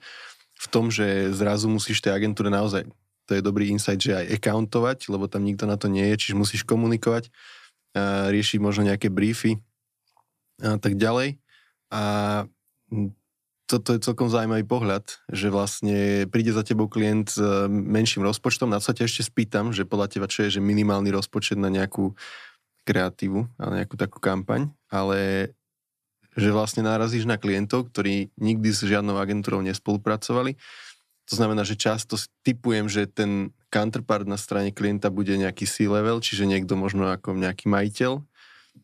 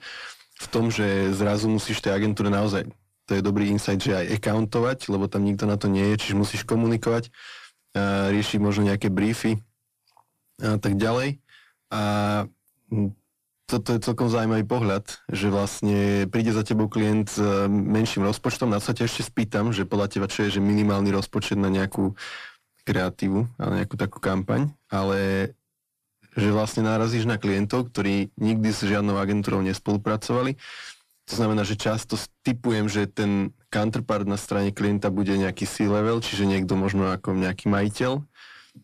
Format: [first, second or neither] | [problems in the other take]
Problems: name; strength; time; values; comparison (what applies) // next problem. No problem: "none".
first | distortion; slight; 10 dB below the speech